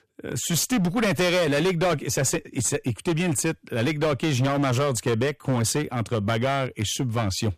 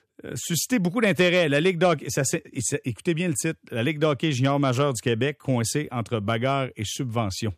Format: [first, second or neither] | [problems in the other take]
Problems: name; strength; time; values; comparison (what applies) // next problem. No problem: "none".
second | distortion; heavy; 15% of the sound clipped